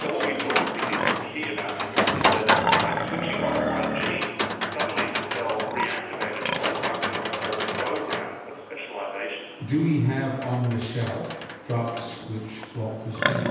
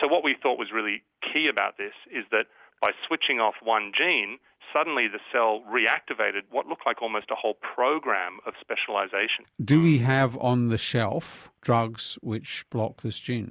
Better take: second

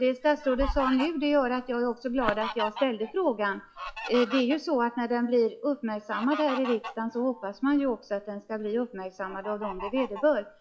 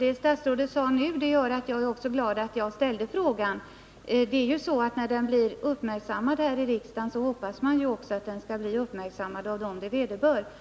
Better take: second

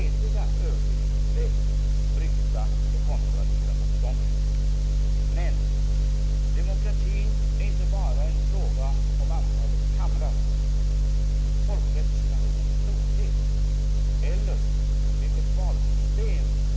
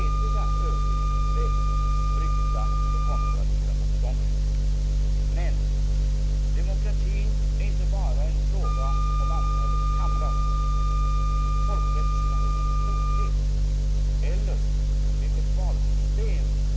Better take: first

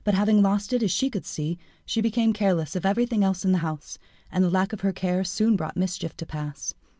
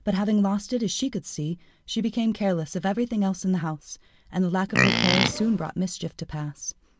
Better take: first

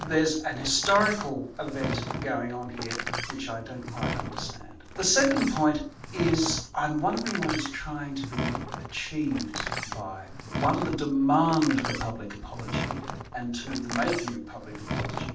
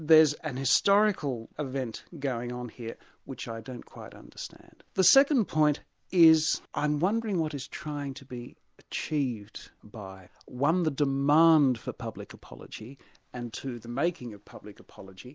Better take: second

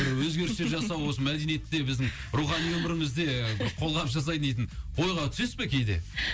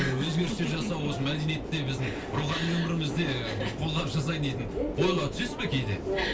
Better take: first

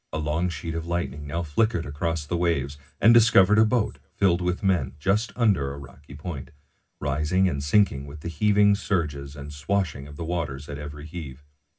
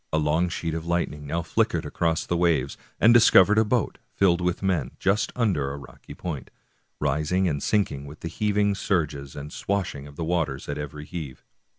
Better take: second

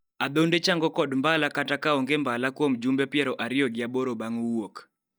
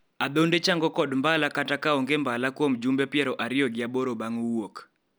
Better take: second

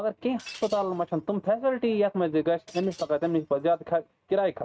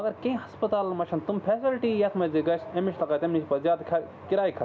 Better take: second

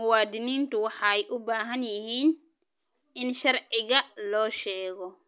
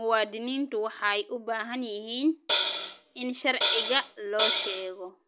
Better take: first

